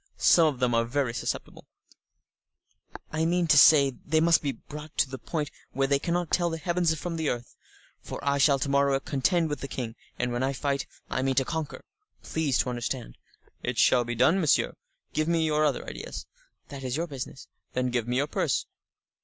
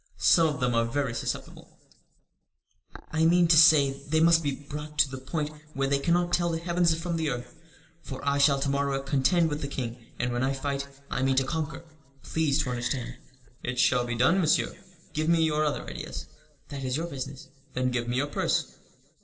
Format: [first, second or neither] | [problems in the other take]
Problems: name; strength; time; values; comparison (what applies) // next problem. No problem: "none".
first | background sound (Wood); 14 dB below the speech // room echo; dies away in 1.4 s